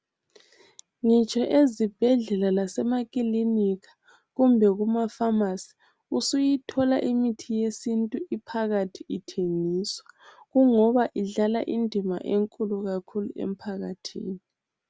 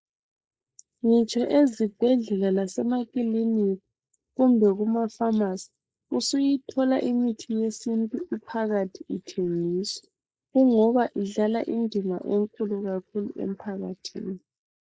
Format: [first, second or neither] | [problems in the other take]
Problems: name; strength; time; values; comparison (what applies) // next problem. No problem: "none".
first | noise reduction (neural mask model Resemble Enhance denoiser)